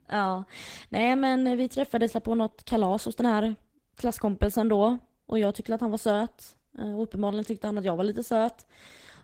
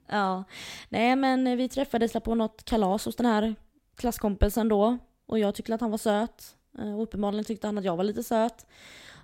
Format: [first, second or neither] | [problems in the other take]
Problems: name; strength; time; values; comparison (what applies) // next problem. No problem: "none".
second | garbled, watery; slightly; nothing above 16 kHz